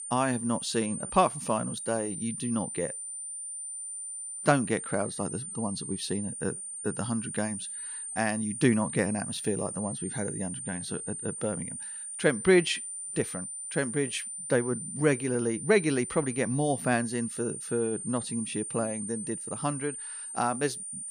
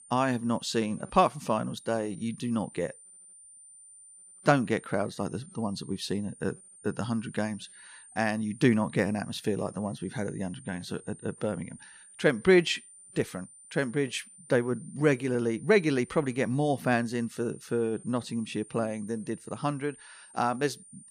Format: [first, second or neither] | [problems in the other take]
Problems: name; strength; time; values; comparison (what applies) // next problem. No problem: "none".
second | high-pitched whine; loud; throughout; 9 kHz, 6 dB below the speech; faint in the second